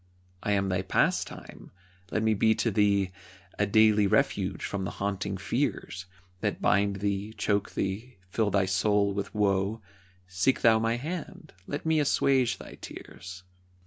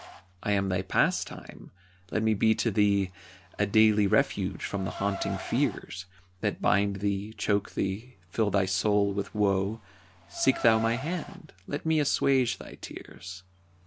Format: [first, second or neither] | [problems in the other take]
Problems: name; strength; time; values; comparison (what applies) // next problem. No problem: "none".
first | background sound (Car); 18 dB below the speech